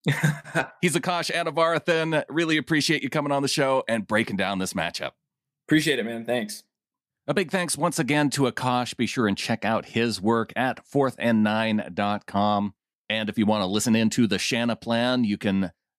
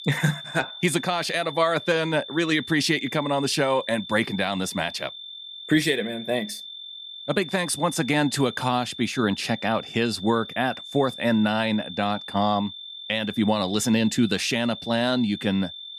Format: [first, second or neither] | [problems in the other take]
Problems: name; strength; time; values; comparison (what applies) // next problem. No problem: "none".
first | high-pitched whine; noticeable; throughout; 3.5 kHz, 10 dB below the speech